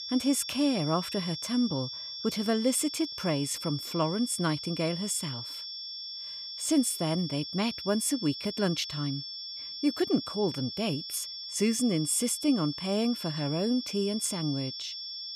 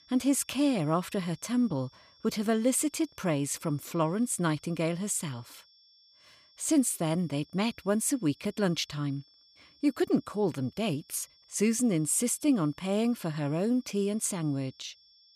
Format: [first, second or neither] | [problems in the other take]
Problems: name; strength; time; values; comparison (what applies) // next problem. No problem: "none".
second | high-pitched whine; loud; throughout; 5.5 kHz, 7 dB below the speech; faint in the second